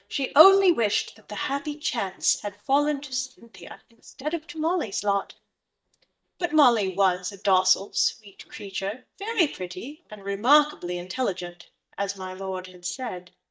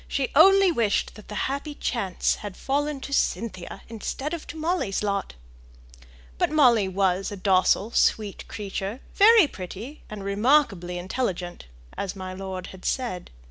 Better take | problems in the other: second | noise reduction (neural mask model DeepFilterNet 3)

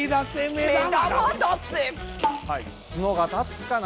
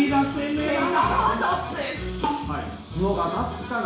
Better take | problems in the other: first | room echo; dies away in 0.7 s

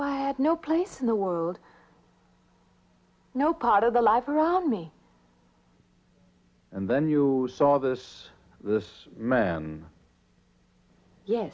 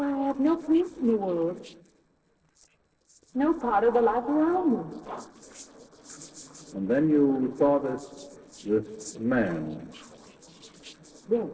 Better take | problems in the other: first | noise reduction (neural separator model SepFormer DNS4)

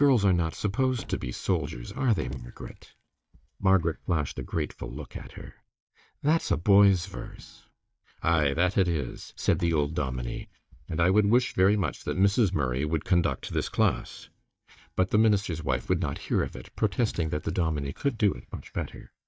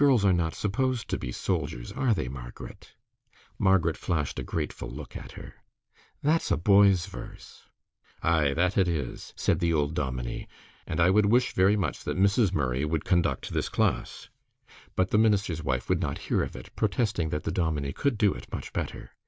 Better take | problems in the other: second | noise reduction (neural mask model DeepFilterNet 3)

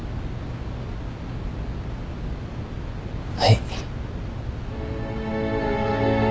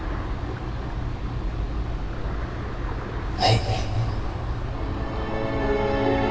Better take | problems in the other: first | background sound (Ocean); 11 dB below the speech // room echo; dies away in 2.5 s

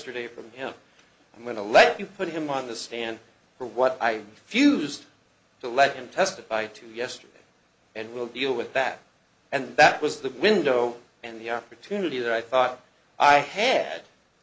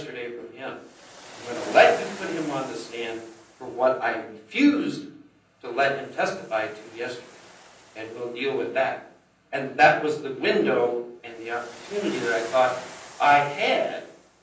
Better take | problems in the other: first | background sound (Waves, surf); 20 dB below the speech // room echo; dies away in 0.6 s

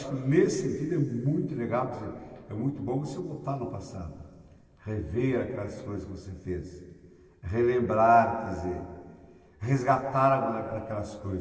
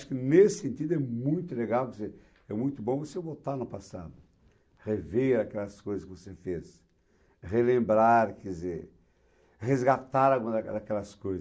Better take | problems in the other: second | room echo; dies away in 2.3 s

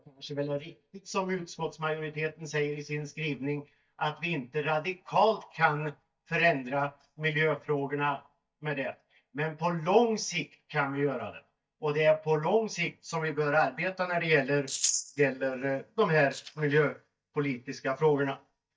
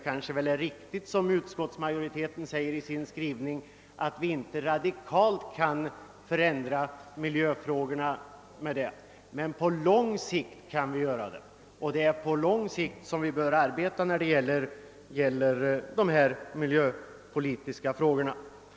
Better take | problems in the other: second | noise reduction (neural mask model DeepFilterNet 3)

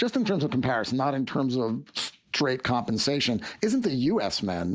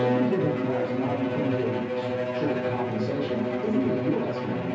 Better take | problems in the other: first | background sound (Bowed string instrument); 2 dB above the speech // room echo; dies away in 0.6 s

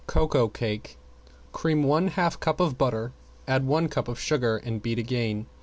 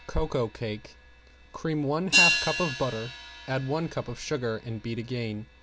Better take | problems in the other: first | background sound (Hi-hat); 1 dB below the speech

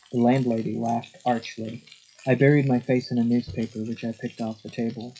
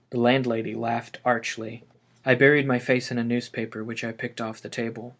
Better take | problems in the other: second | noise reduction (classical method WPE with log-MMSE)

